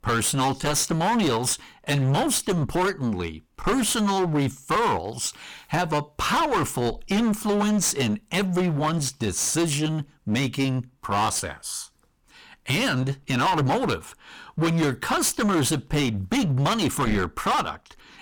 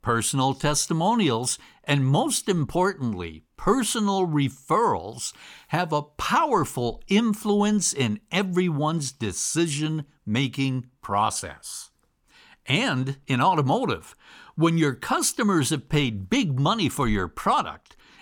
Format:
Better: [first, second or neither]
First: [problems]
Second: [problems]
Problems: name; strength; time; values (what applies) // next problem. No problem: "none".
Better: second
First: distortion; heavy; 19% of the sound clipped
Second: none